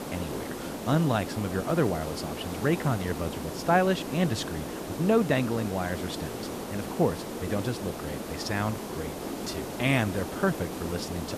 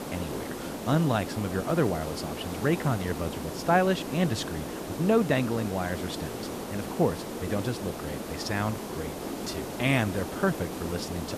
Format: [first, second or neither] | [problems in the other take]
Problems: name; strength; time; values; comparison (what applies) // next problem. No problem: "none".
neither | hiss; loud; throughout; 6 dB below the speech; the same in both